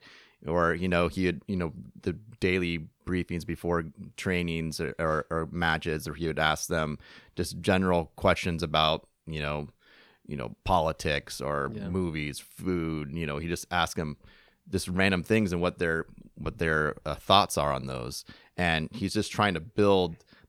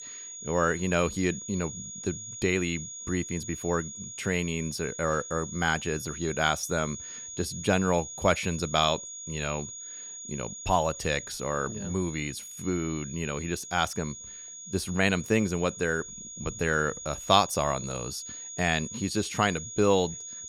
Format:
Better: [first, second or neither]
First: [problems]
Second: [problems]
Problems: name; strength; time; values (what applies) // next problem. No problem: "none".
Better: first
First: none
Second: high-pitched whine; loud; throughout; 6.5 kHz, 9 dB below the speech